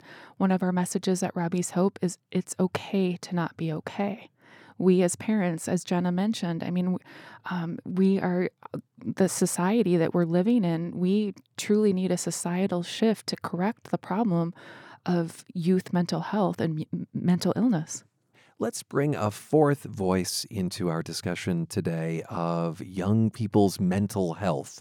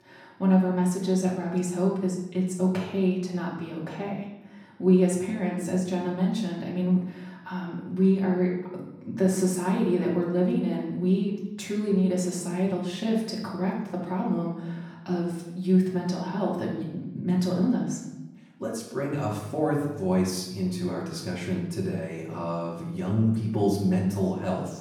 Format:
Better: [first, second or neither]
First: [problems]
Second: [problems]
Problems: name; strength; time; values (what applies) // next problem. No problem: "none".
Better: first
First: none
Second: off-mic speech; far // room echo; noticeable; dies away in 0.8 s